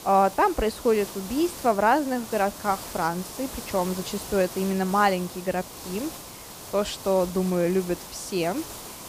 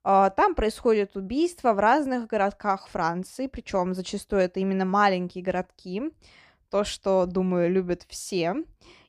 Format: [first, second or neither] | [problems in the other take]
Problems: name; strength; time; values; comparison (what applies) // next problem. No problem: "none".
second | hiss; noticeable; throughout; 10 dB below the speech